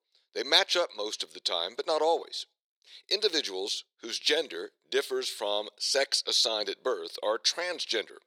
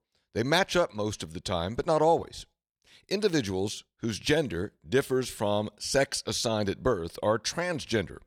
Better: second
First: thin; very; fading below 400 Hz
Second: none

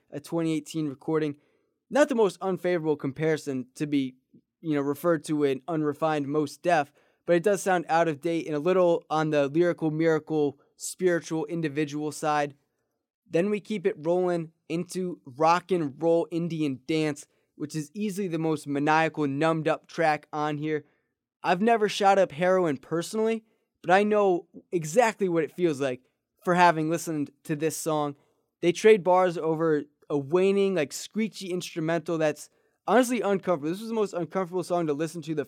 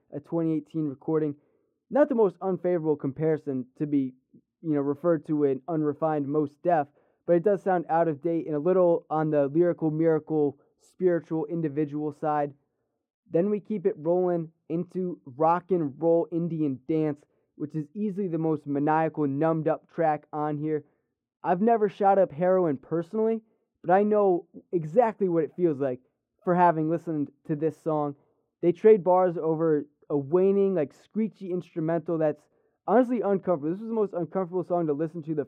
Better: first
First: none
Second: muffled; very; fading above 2.5 kHz

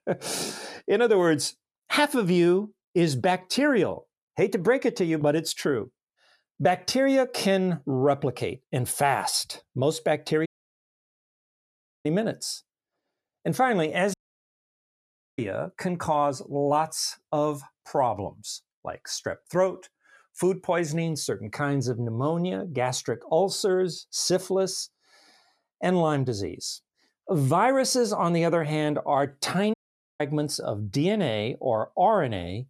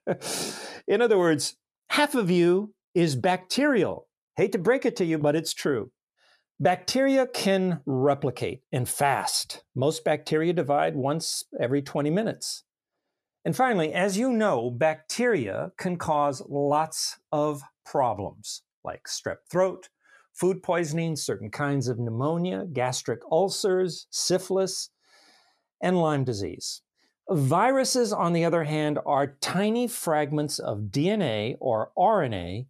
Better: second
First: audio cutting out; at 10 s for 1.5 s, at 14 s for 1 s and at 30 s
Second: none

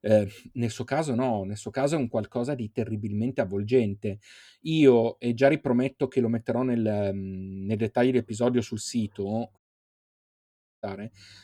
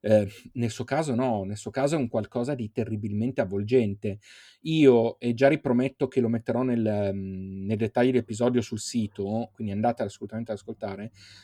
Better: second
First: audio cutting out; at 9.5 s for 1.5 s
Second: none

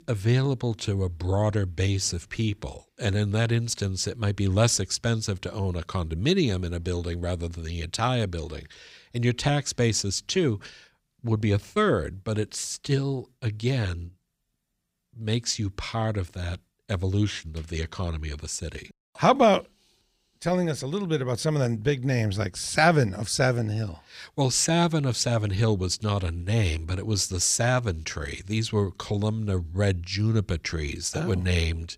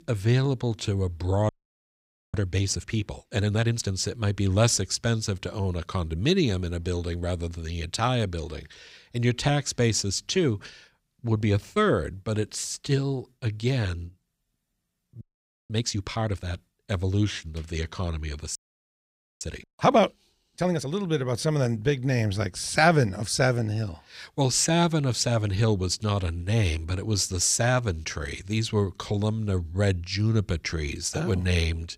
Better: first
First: none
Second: audio freezing; at 1.5 s for 1 s, at 15 s and at 19 s for 1 s

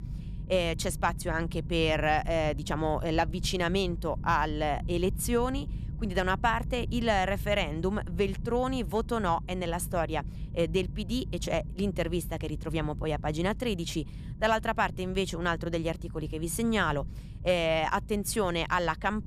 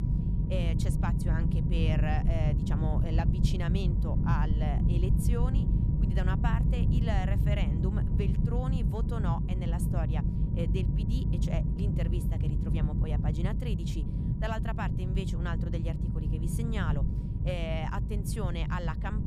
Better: first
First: low rumble; faint; throughout; 20 dB below the speech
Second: low rumble; loud; throughout; 2 dB below the speech

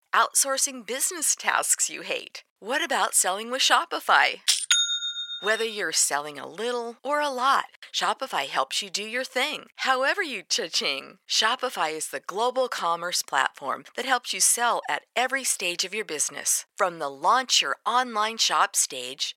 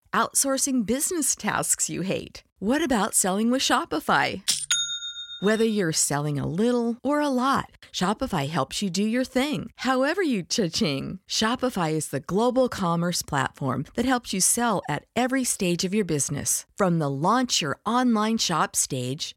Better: second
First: thin; very; fading below 700 Hz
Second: none

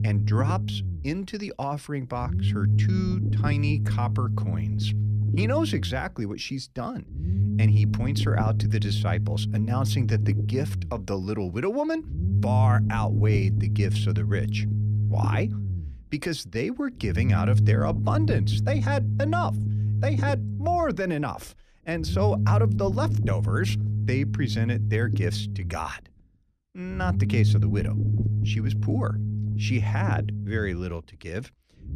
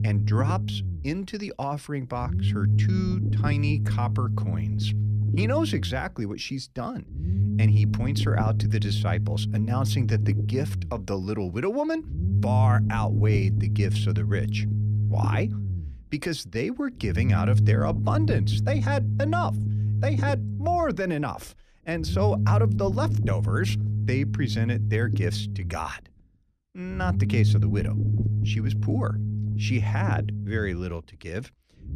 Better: neither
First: low rumble; loud; throughout; 7 dB below the speech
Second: low rumble; loud; throughout; 7 dB below the speech

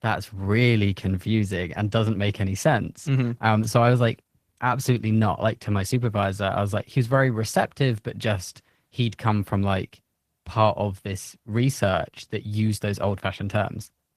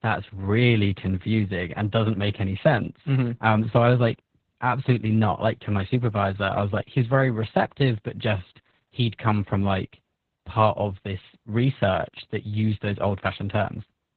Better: first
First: garbled, watery; slightly; nothing above 14.5 kHz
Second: garbled, watery; badly; nothing above 4 kHz

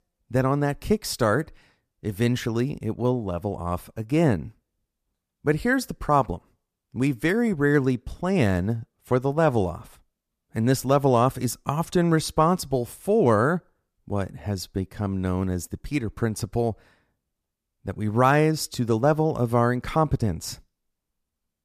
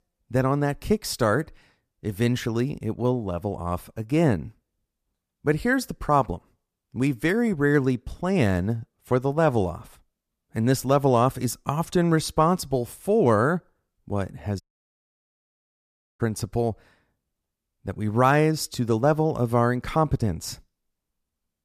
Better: first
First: none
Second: audio cutting out; at 15 s for 1.5 s

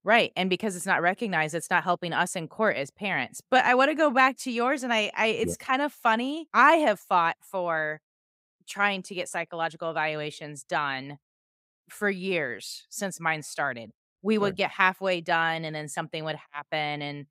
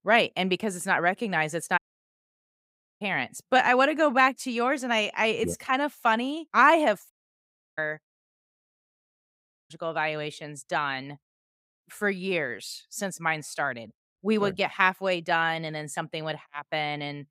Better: first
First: none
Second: audio cutting out; at 2 s for 1 s, at 7 s for 0.5 s and at 8.5 s for 1 s

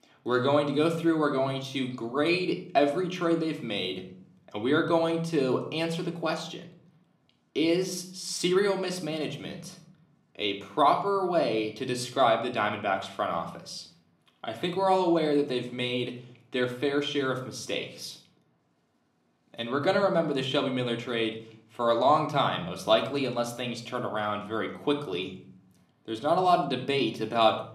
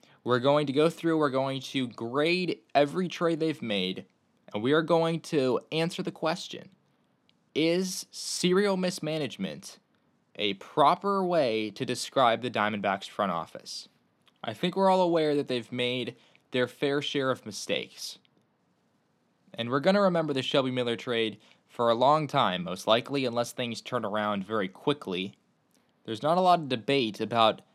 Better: second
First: room echo; slight; dies away in 0.5 s // off-mic speech; somewhat distant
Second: none

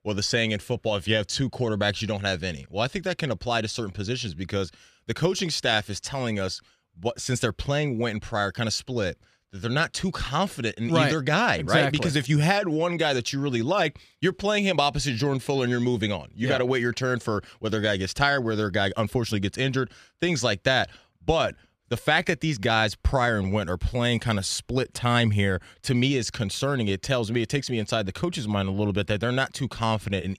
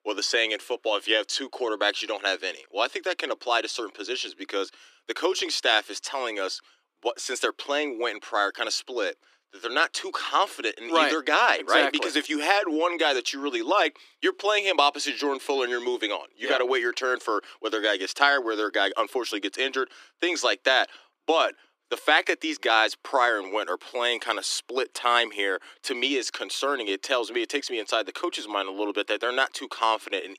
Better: first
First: none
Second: thin; very; fading below 300 Hz

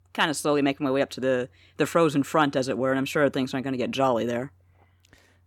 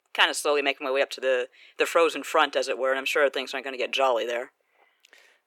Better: first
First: none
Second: thin; very; fading below 450 Hz

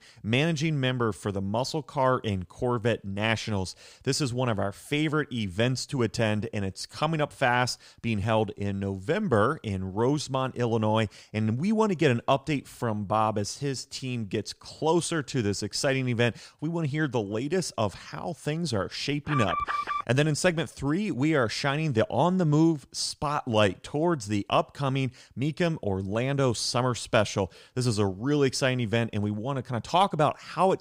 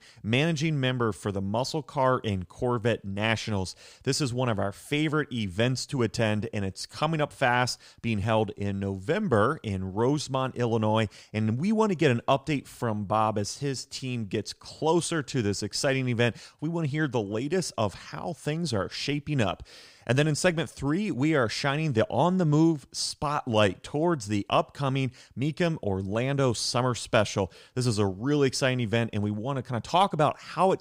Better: second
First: alarm; noticeable; at 19 s; peak 2 dB below the speech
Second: none

